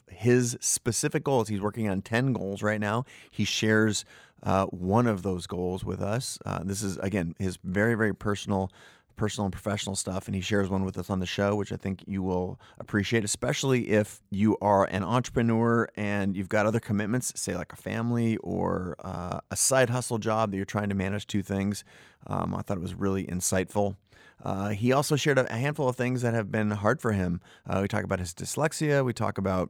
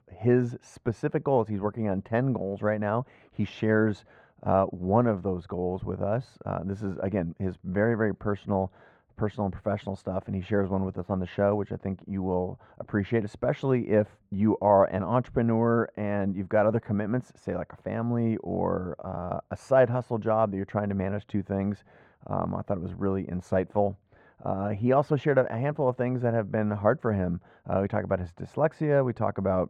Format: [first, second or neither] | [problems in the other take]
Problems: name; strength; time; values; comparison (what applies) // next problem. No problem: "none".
first | muffled; very; fading above 3.5 kHz